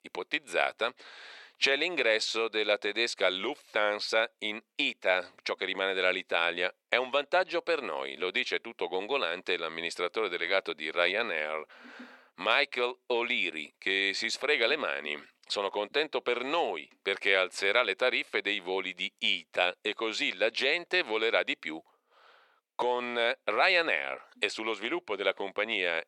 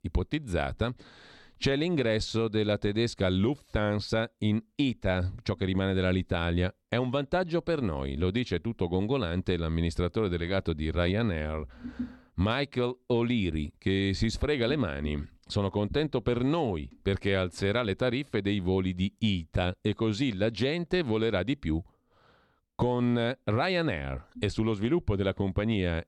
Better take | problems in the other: second | thin; very; fading below 500 Hz

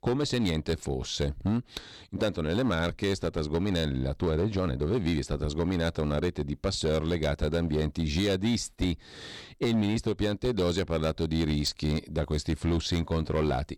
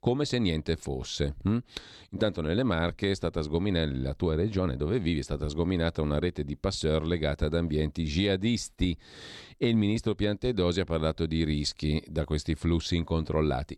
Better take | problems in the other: second | distortion; slight; 9% of the sound clipped

